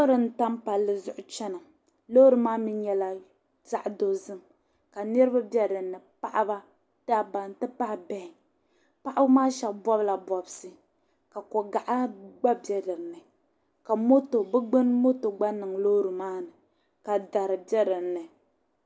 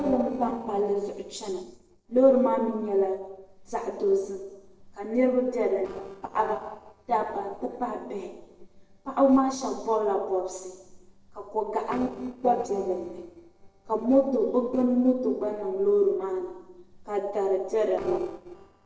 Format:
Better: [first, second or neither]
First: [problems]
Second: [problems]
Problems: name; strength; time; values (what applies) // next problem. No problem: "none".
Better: first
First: none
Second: noise reduction (neural separator model SepFormer DNS4)